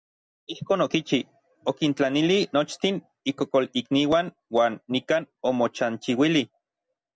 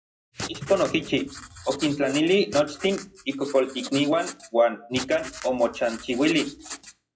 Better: first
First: none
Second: noise reduction (classical method WPE with log-MMSE)

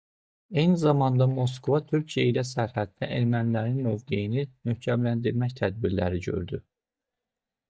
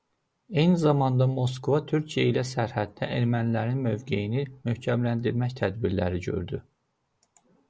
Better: second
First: noise reduction (neural mask model DeepFilterNet 3)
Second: none

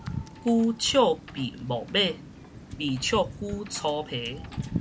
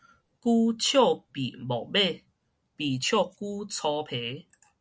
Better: second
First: background sound (Wind / Boat, Water vehicle); 10 dB below the speech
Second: none

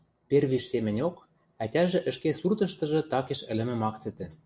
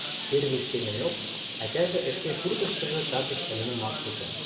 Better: first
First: none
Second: background sound (Bird); 3 dB below the speech // room echo; dies away in 2.1 s

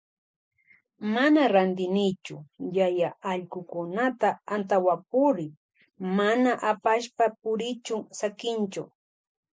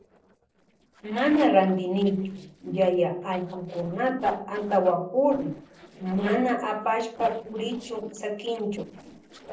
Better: first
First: none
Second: noise reduction (neural separator model SepFormer DNS4)

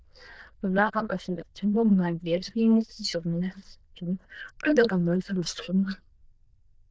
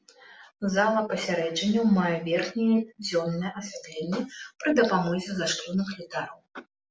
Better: second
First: noise reduction (neural diffusion model UNIVERSE++)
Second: none

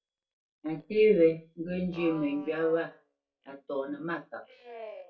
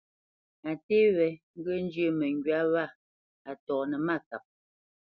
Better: second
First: noise reduction (neural mask model DeepFilterNet 3)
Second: none

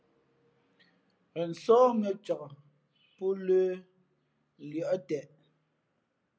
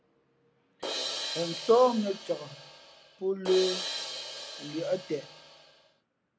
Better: first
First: none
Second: background sound (Crash cymbal); 7 dB below the speech

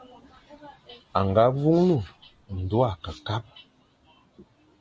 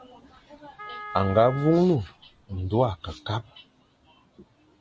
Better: first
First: none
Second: background sound (Wind instrument, woodwind instrument); 14 dB below the speech

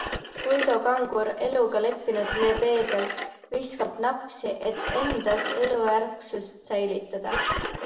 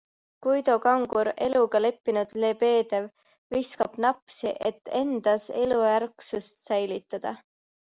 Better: second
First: background sound (Engine); 7 dB below the speech // room echo; dies away in 0.9 s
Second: none

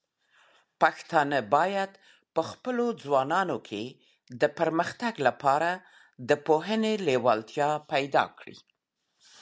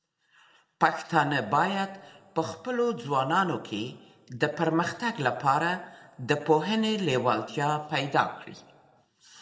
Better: first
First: none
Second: room echo; dies away in 1.7 s

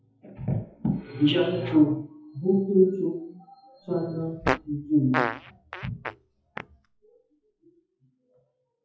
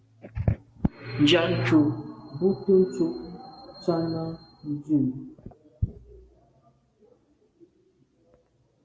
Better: second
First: noise reduction (classical method WPE with log-MMSE)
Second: none

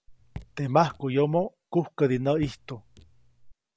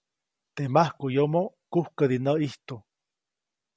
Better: second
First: background sound (Raindrop / Drip); 19 dB below the speech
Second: none

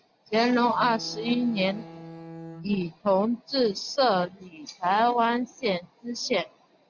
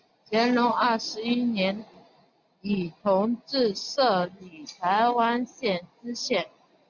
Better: second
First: background sound (Bowed string instrument); 15 dB below the speech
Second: none

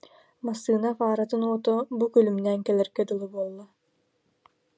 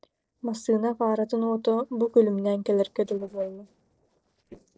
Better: first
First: none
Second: noise reduction (neural separator model SepFormer DNS4)

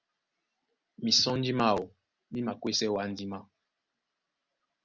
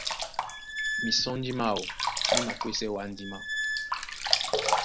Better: first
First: none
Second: background sound (Sink (filling or washing) + Squeak); 3 dB above the speech

